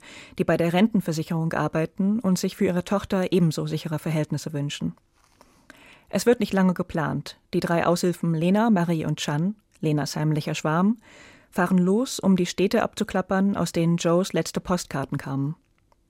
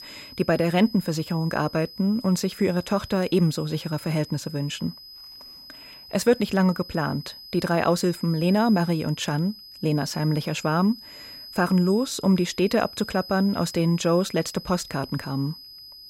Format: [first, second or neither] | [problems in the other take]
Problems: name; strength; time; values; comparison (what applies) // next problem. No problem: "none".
first | high-pitched whine; noticeable; throughout; 5 kHz, 15 dB below the speech